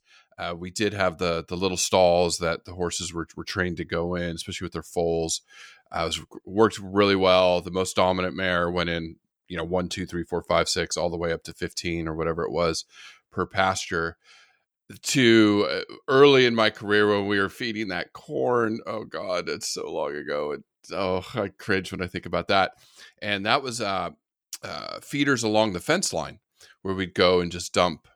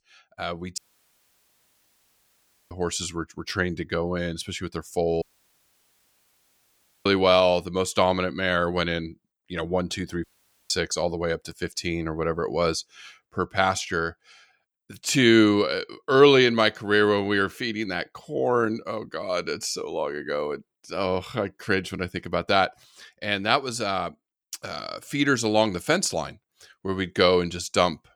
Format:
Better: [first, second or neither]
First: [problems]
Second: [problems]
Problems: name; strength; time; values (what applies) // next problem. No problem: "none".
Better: first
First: none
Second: audio cutting out; at 1 s for 2 s, at 5 s for 2 s and at 10 s